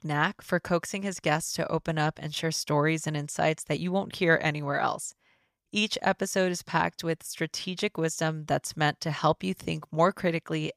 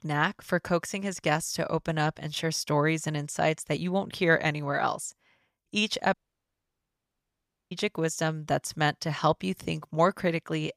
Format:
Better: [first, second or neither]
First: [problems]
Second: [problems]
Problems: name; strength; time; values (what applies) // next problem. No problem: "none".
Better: first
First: none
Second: audio cutting out; at 6 s for 1.5 s